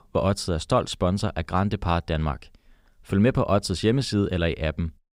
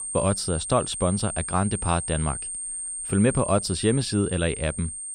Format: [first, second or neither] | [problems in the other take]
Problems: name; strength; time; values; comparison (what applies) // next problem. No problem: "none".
first | high-pitched whine; loud; throughout; 8.5 kHz, 5 dB below the speech